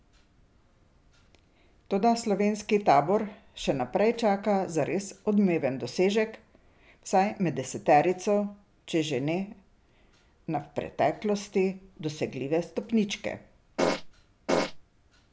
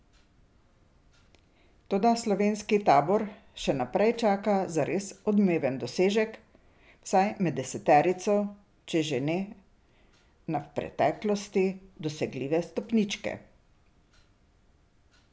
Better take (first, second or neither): second